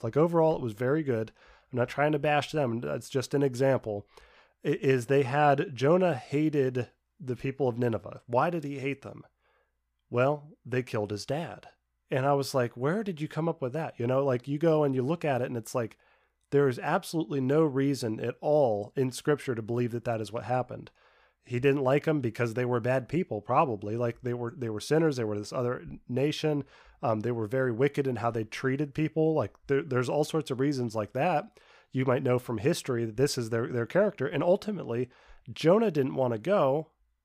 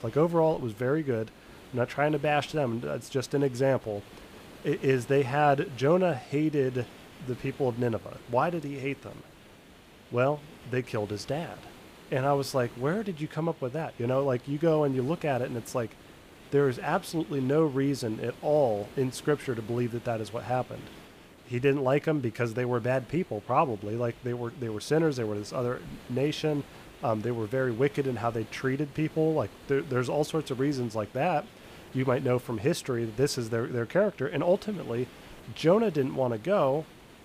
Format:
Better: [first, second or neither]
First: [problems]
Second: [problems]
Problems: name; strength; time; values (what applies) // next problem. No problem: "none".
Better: first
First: none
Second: hiss; faint; throughout; 20 dB below the speech